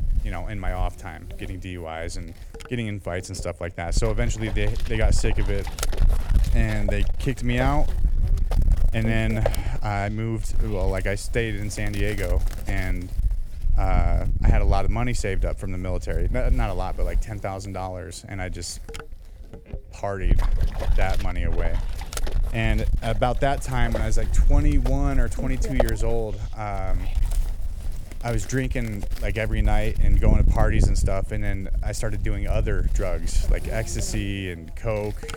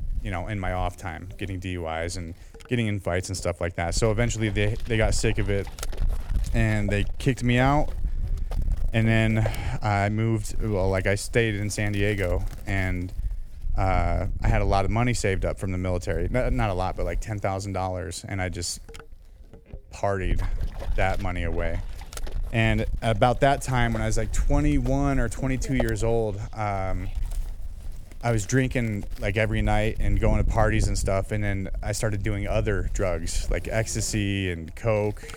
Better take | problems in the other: second | wind noise on the microphone; heavy; 8 dB below the speech; occasional gusts in the second

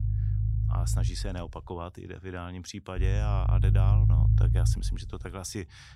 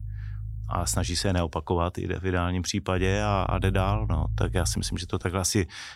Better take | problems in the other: second | low rumble; loud; throughout; 1 dB below the speech; faint in the second

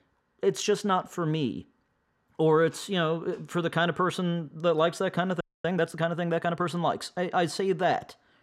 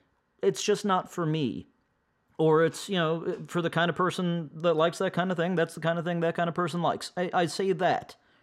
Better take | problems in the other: second | audio freezing; at 5.5 s

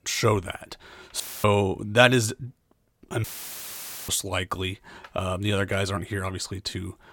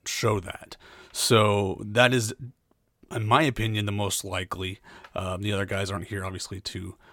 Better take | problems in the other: second | audio cutting out; filled with static; at 1 s and at 3 s for 1 s

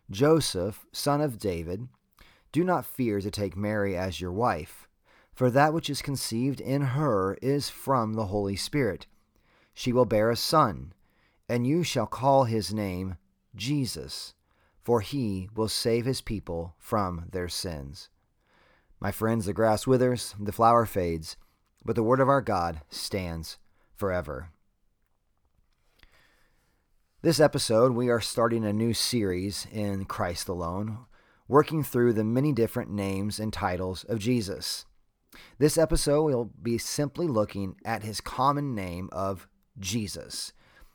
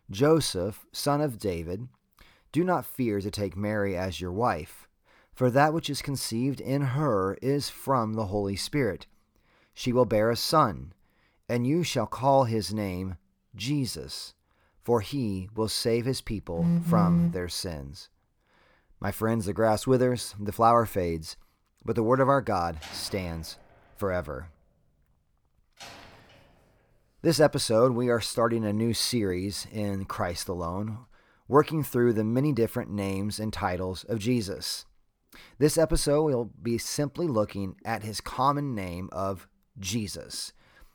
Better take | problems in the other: first | phone ringing; loud; at 17 s; peak 4 dB above the speech // door banging; faint; from 23 to 27 s; peak 15 dB below the speech

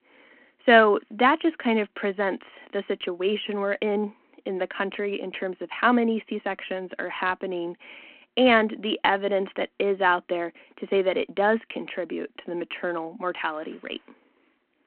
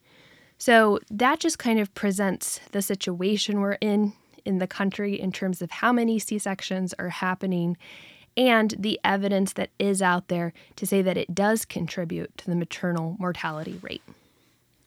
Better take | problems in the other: second | phone-call audio

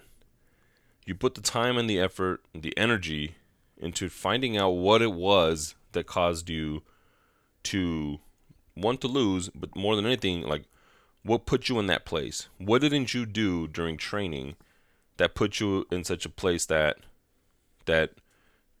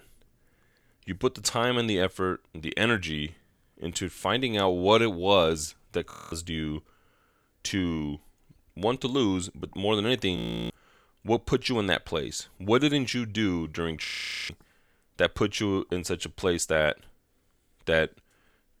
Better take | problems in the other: first | audio freezing; at 6 s, at 10 s and at 14 s

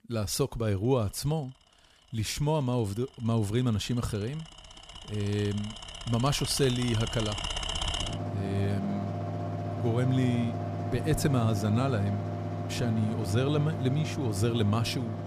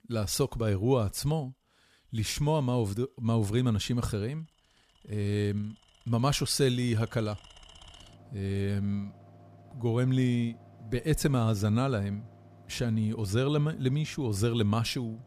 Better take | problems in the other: second | machinery noise; loud; throughout; 5 dB below the speech; faint in the second

